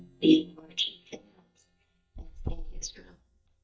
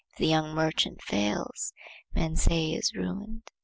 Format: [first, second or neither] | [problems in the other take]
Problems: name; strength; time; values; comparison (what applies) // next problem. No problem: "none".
second | noise reduction (neural mask model DeepFilterNet 3)